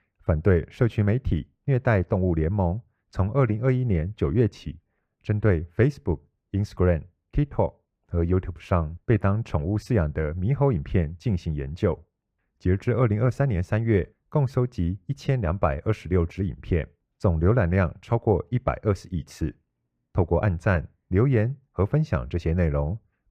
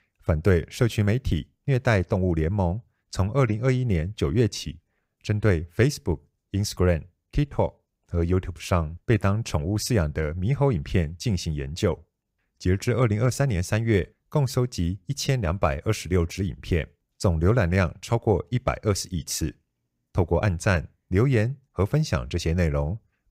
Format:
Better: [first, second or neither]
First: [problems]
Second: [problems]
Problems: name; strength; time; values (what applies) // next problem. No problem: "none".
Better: second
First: muffled; very; fading above 3 kHz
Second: none